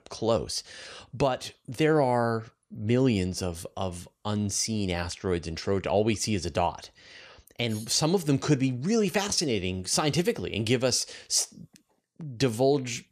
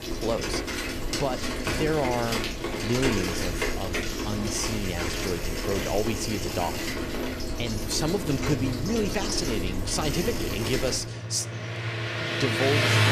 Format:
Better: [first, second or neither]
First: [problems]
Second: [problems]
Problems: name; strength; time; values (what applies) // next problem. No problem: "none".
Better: first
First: none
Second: traffic noise; very loud; throughout; as loud as the speech